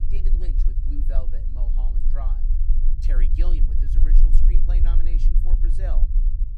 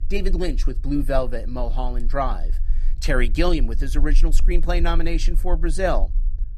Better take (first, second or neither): second